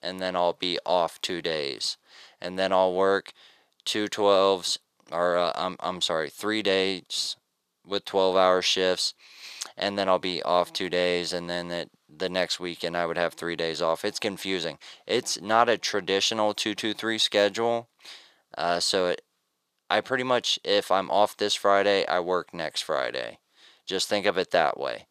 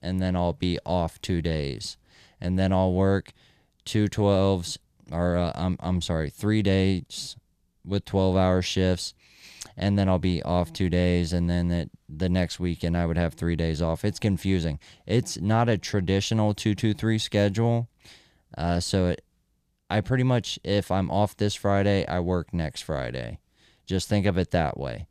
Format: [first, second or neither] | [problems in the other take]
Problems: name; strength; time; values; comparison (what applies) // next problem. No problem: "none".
second | thin; very; fading below 500 Hz